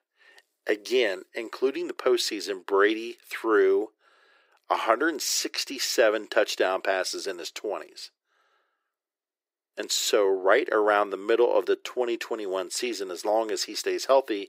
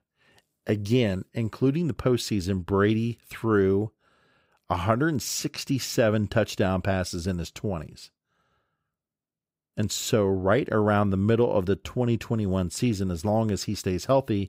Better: second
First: thin; very; fading below 350 Hz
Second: none

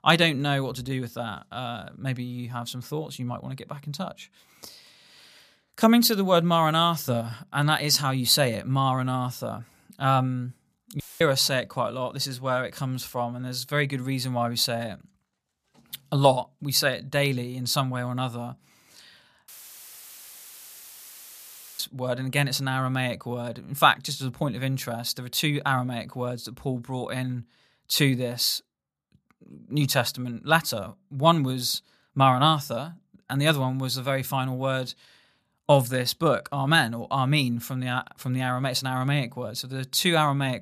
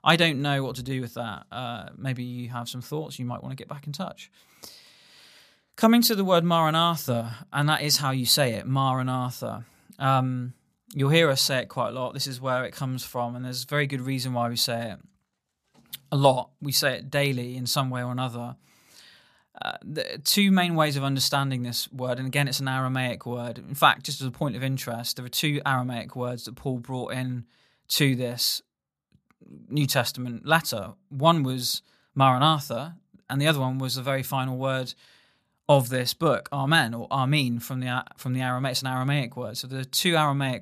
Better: second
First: audio cutting out; filled with static; at 11 s and at 19 s for 2.5 s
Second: none

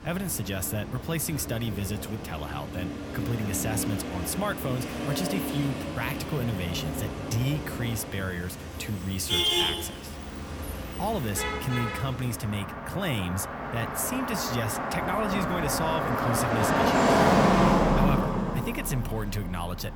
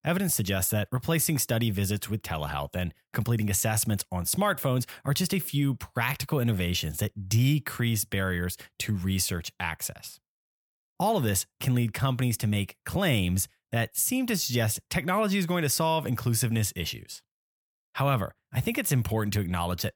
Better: second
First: traffic noise; very loud; throughout; 3 dB above the speech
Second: none

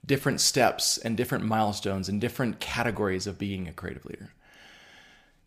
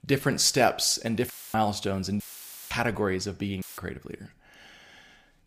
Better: first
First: none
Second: audio cutting out; filled with static; at 1.5 s, at 2 s for 0.5 s and at 3.5 s

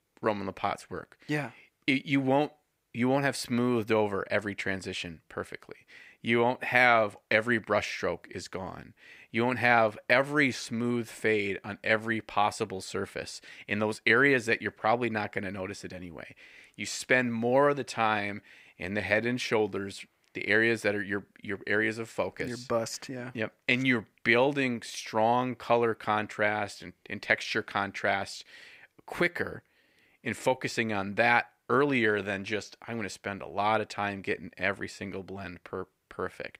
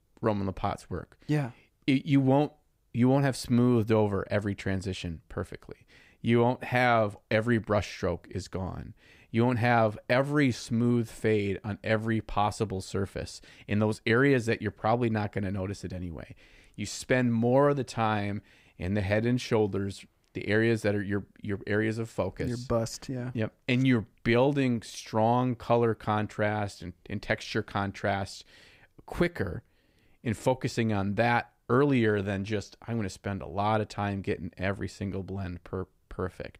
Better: second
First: thin; very slightly; fading below 750 Hz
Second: none

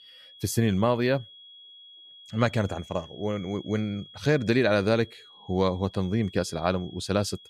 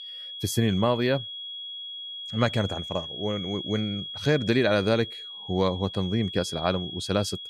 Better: first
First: high-pitched whine; faint; throughout; 3.5 kHz, 20 dB below the speech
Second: high-pitched whine; loud; throughout; 3.5 kHz, 8 dB below the speech

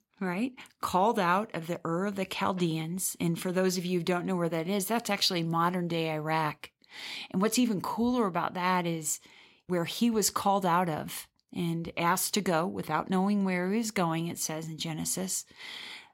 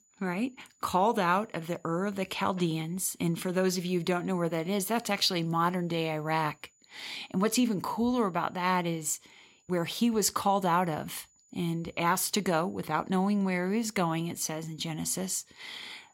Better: first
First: none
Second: high-pitched whine; faint; throughout; 7 kHz, 35 dB below the speech

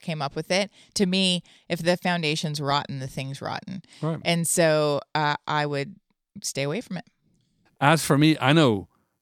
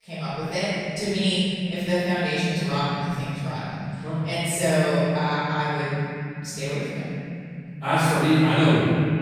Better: first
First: none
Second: room echo; strong; dies away in 3 s // off-mic speech; far

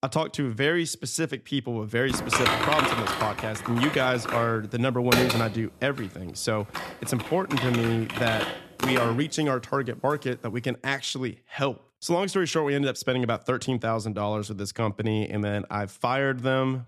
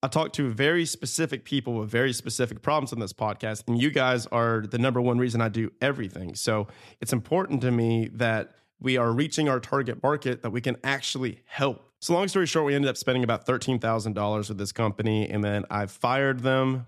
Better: second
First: keyboard typing; loud; from 2 to 9 s; peak 5 dB above the speech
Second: none

